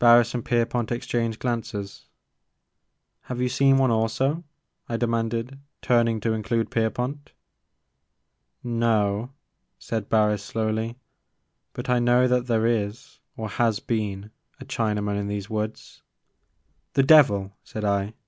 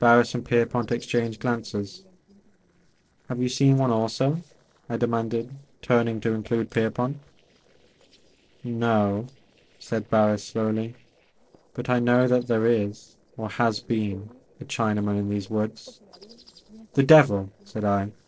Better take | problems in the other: first | noise reduction (neural separator model SepFormer DNS4)

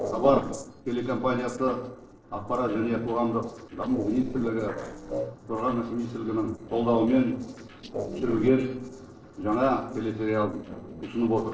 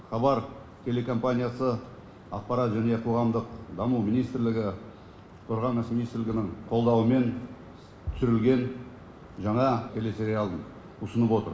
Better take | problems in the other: second | noise reduction (neural separator model SepFormer DNS4)

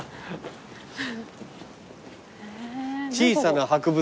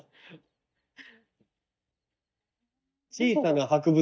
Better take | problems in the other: first | noise reduction (neural mask model DeepFilterNet 3)

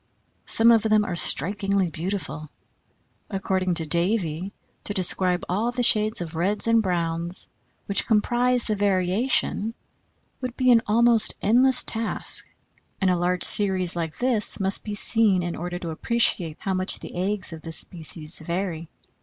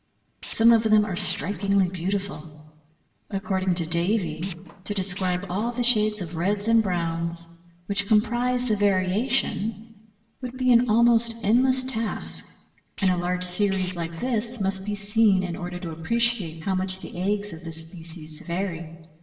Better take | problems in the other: first | background sound (Tools); 19 dB below the speech // room echo; dies away in 1.1 s

